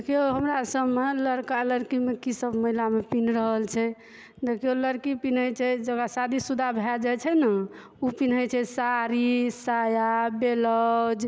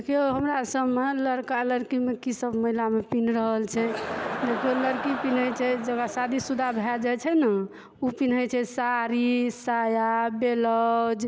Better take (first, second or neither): first